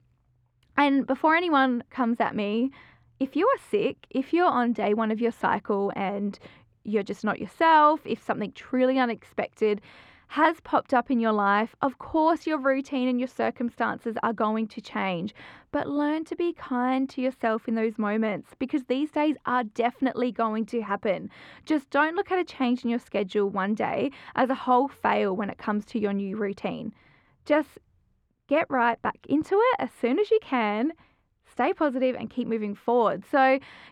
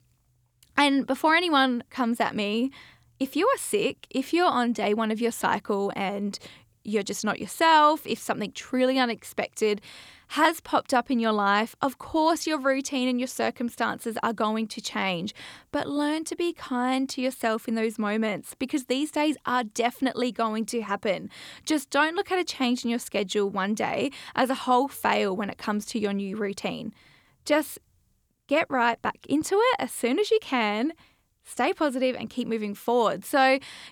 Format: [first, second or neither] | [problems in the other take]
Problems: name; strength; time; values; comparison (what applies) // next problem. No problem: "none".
second | muffled; slightly; fading above 4 kHz